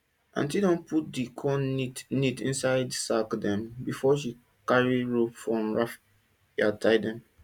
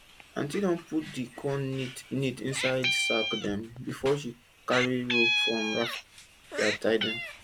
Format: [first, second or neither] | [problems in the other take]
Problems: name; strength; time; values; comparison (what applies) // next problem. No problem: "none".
first | background sound (Meow); 3 dB below the speech